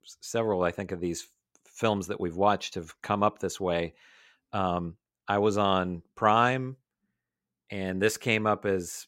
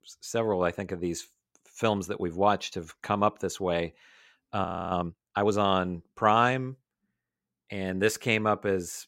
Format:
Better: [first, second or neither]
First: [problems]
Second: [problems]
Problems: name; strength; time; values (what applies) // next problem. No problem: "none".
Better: first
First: none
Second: audio freezing; at 4.5 s